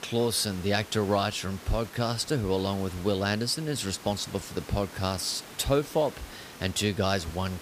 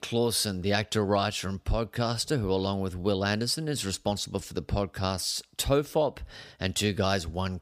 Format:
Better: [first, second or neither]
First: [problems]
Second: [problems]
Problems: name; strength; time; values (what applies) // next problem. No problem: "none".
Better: second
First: hiss; noticeable; throughout; 15 dB below the speech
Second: none